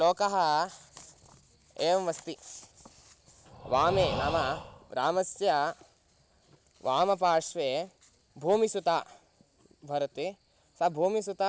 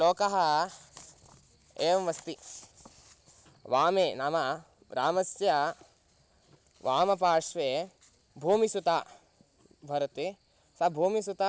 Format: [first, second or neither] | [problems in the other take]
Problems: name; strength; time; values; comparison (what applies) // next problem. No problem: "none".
second | background sound (Breathing); 8 dB below the speech